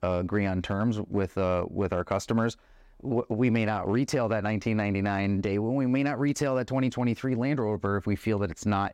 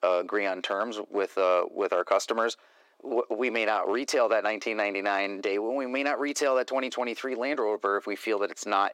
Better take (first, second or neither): first